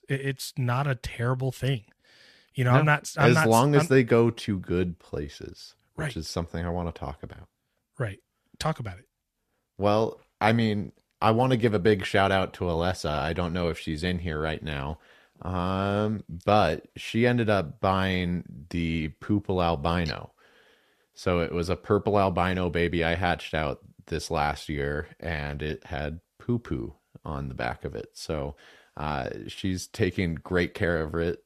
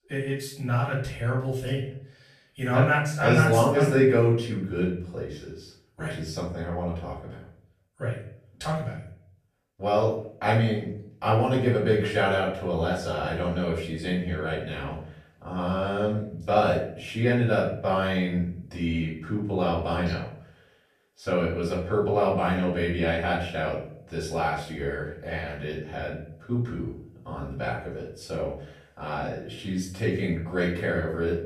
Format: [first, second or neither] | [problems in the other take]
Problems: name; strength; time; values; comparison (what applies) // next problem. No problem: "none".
first | room echo; noticeable; dies away in 0.5 s // off-mic speech; far